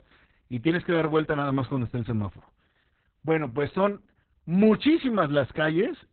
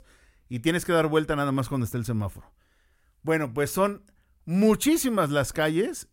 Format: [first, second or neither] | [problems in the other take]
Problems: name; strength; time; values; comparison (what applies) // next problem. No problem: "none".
second | garbled, watery; badly; nothing above 4 kHz